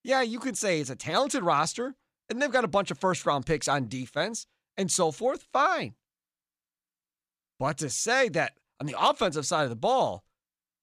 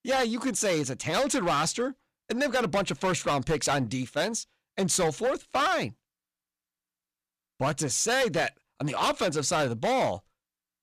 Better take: first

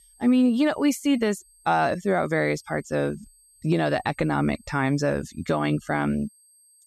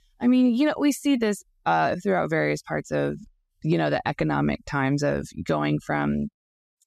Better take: second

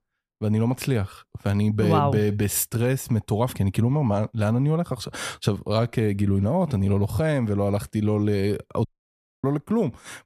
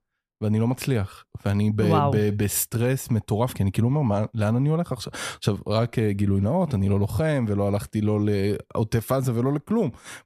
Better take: second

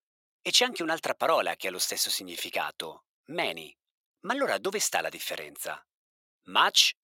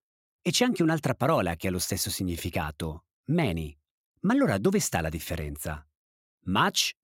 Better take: second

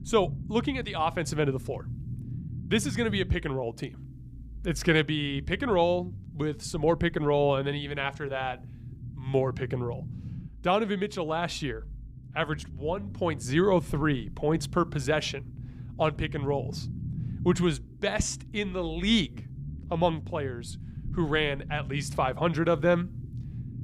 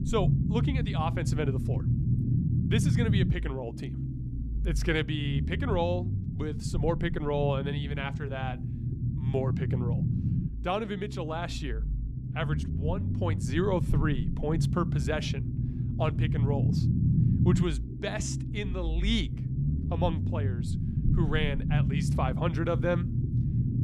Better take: first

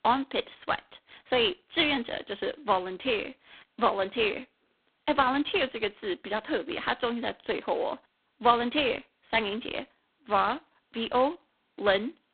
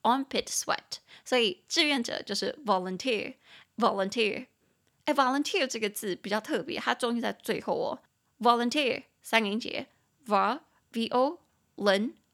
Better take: second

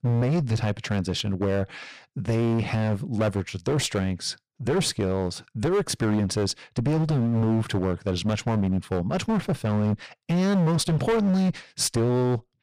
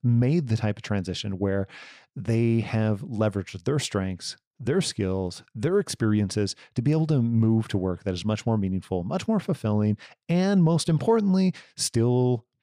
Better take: second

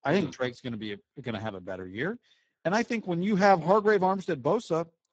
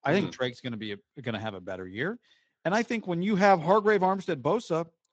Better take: second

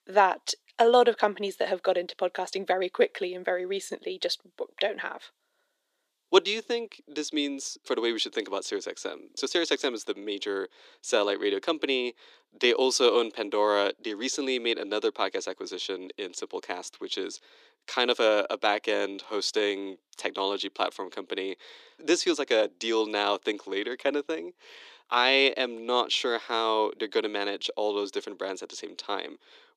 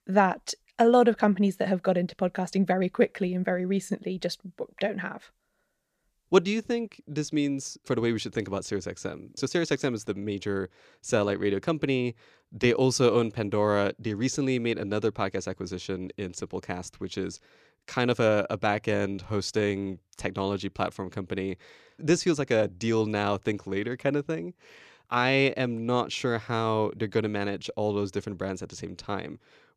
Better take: second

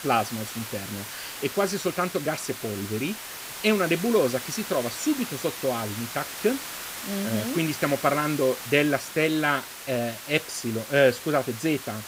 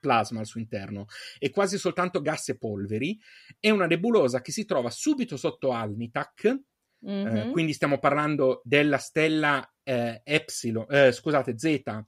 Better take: second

